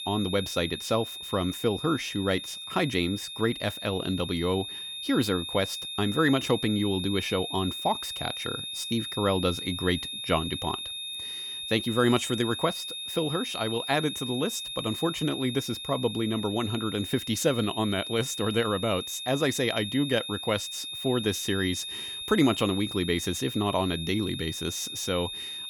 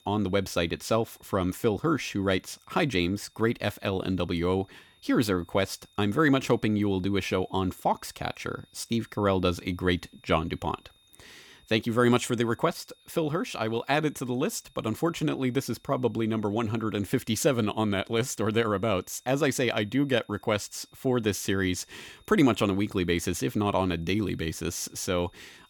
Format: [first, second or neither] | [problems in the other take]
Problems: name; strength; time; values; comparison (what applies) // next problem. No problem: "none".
second | high-pitched whine; loud; throughout; 3.5 kHz, 6 dB below the speech; faint in the second